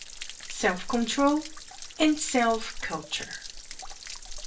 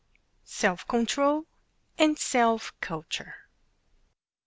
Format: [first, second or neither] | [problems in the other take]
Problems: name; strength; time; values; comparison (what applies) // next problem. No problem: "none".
second | background sound (Stream / Trickle, dribble / Splash, splatter); 10 dB below the speech // room echo; dies away in 0.2 s